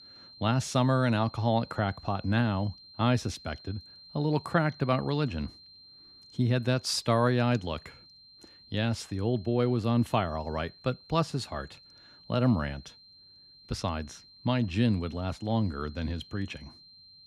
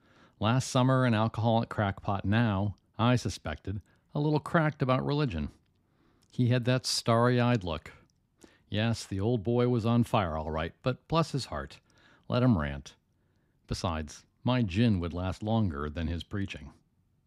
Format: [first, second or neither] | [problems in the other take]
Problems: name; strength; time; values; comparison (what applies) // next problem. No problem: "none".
second | high-pitched whine; faint; throughout; 4 kHz, 20 dB below the speech